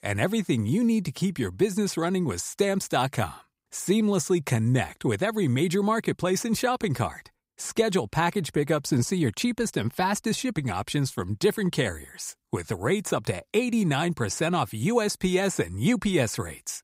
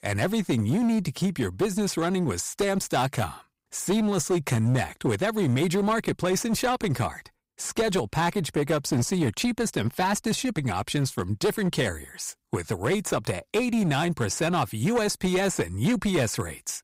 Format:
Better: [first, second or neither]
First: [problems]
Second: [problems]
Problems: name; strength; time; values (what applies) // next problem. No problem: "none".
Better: first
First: none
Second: distortion; slight; 11% of the sound clipped